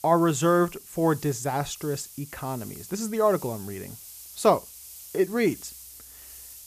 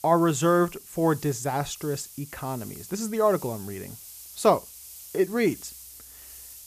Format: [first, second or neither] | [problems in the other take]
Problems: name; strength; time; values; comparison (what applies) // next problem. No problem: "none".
neither | hiss; noticeable; throughout; 15 dB below the speech; the same in both